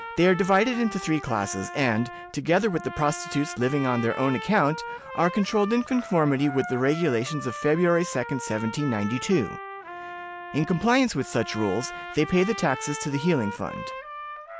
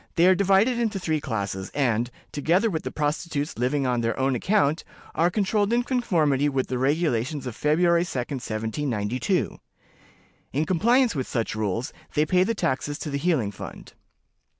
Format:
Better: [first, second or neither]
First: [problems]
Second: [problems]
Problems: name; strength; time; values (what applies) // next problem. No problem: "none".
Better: second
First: background sound (Trumpet); 12 dB below the speech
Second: none